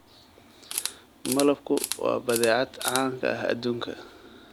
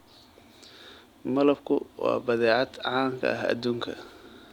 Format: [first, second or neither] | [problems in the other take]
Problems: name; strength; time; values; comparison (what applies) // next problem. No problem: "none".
second | background sound (Camera); 9 dB below the speech